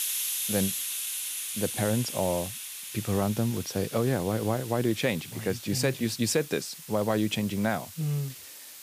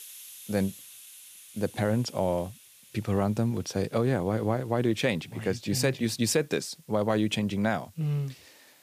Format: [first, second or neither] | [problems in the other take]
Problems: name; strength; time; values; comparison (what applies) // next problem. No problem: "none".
second | hiss; loud; throughout; 6 dB below the speech; faint in the second